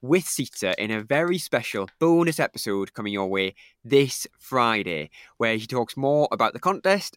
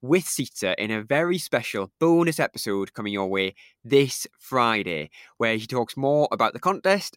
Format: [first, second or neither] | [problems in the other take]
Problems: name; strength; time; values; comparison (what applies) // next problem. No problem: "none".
second | household noises; faint; throughout; 30 dB below the speech